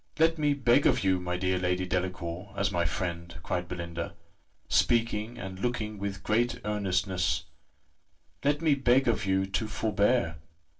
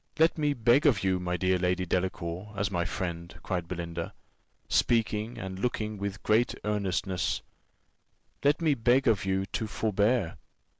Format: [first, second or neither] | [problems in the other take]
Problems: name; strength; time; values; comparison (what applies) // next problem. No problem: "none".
second | room echo; dies away in 0.2 s